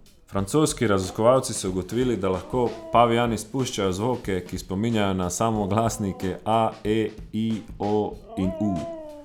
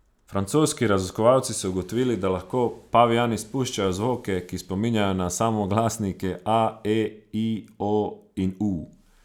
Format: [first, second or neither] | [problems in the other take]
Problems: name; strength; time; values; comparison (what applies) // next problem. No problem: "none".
second | background sound (Snare drum / Drum kit + Dog); 16 dB below the speech